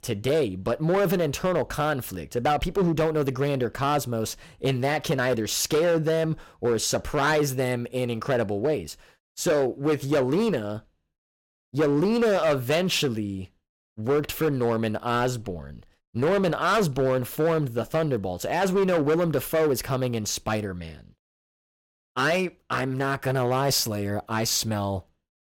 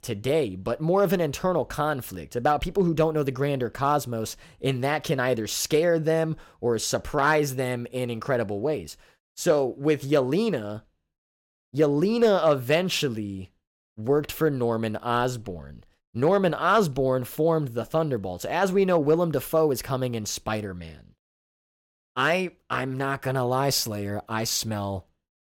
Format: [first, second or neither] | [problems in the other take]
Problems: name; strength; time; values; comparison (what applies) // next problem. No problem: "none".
second | distortion; slight; 9% of the sound clipped